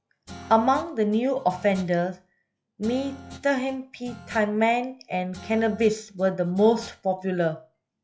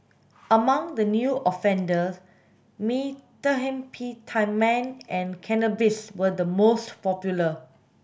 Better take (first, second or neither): second